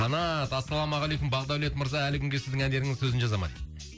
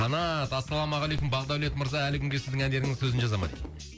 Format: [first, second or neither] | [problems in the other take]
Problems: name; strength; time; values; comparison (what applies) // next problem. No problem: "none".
first | background sound (Dog + Fireworks); 14 dB below the speech